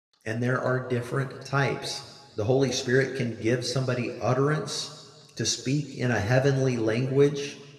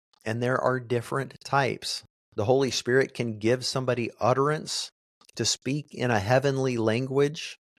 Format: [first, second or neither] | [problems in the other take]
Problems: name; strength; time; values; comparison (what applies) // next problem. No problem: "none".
second | room echo; slight; dies away in 1.5 s